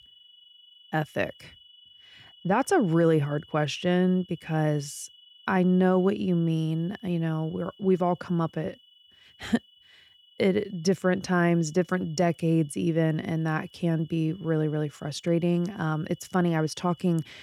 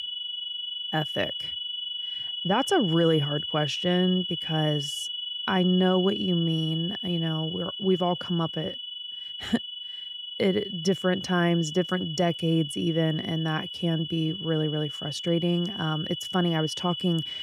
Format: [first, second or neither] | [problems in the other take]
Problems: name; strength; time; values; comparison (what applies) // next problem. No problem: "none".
first | high-pitched whine; loud; throughout; 3 kHz, 5 dB below the speech; faint in the first